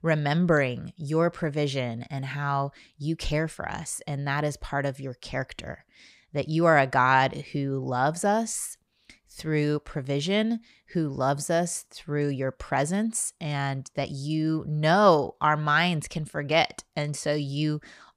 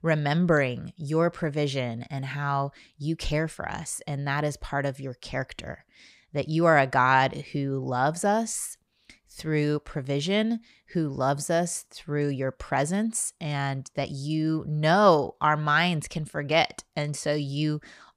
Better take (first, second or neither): neither